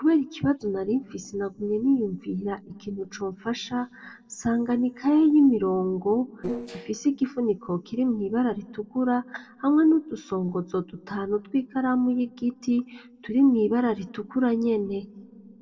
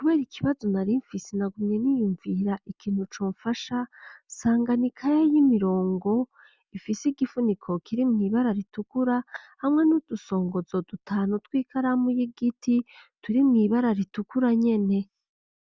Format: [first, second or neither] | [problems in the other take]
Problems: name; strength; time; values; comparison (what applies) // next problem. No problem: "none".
second | noise reduction (neural separator model SepFormer DNS4)